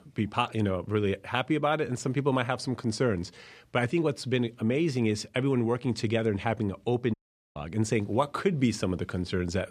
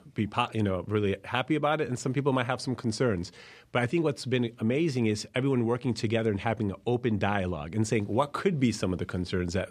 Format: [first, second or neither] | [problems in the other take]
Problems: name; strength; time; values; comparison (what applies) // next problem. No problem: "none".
second | audio cutting out; at 7 s